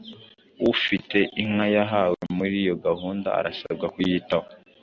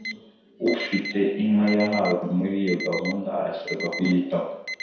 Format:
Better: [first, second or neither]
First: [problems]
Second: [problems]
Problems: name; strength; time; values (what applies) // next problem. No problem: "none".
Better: first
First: none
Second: background sound (Alarm); 11 dB below the speech // room echo; dies away in 0.7 s